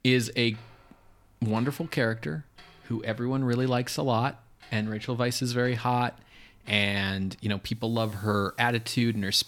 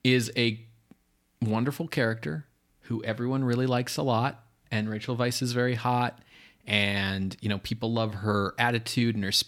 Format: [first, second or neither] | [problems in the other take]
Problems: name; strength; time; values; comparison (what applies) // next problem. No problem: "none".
second | household noises; faint; throughout; 25 dB below the speech